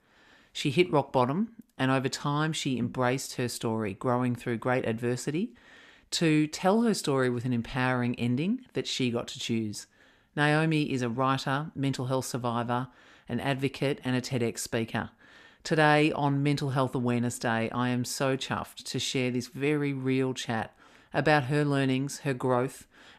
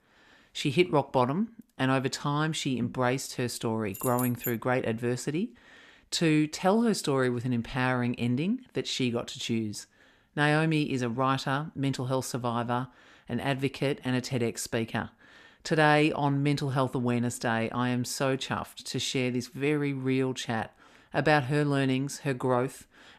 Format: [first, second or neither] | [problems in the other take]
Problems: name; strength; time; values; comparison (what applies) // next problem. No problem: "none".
first | jangling keys; noticeable; at 4 s; peak 7 dB below the speech